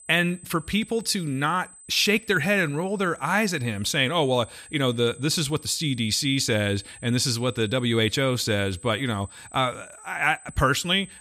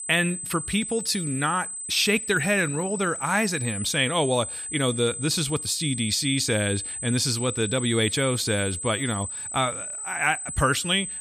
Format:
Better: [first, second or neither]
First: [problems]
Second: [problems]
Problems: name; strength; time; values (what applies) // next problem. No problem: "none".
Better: first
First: high-pitched whine; faint; throughout; 8 kHz, 20 dB below the speech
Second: high-pitched whine; loud; throughout; 8 kHz, 6 dB below the speech